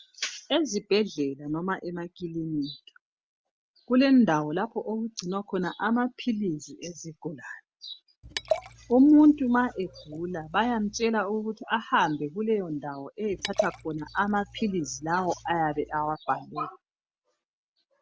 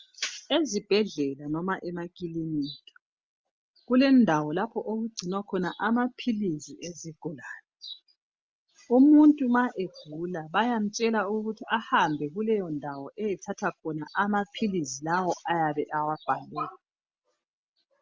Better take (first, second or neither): second